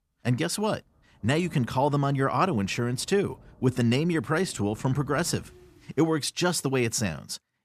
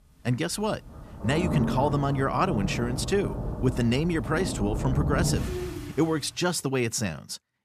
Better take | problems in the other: first | rain or running water; loud; until 6 s; 4 dB below the speech; faint in the first

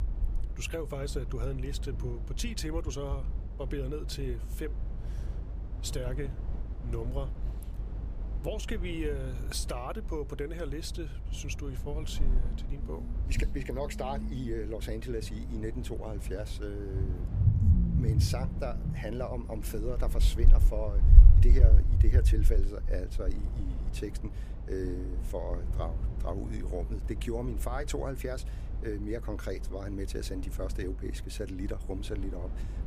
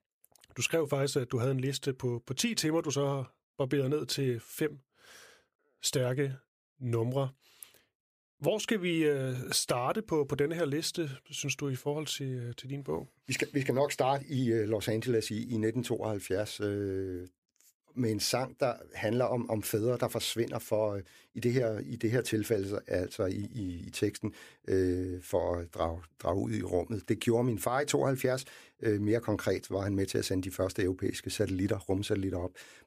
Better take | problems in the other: second | low rumble; loud; throughout; 9 dB below the speech

